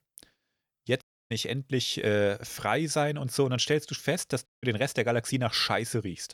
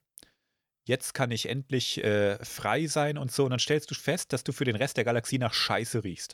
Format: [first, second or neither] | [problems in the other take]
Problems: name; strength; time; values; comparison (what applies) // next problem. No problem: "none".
second | audio cutting out; at 1 s and at 4.5 s